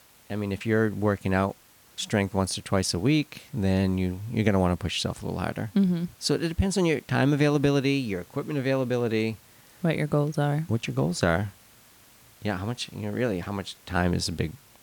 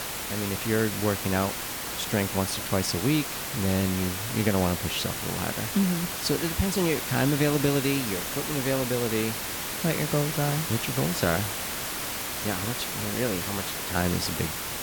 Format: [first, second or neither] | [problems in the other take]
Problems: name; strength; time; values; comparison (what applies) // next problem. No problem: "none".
first | hiss; loud; throughout; 2 dB below the speech; faint in the first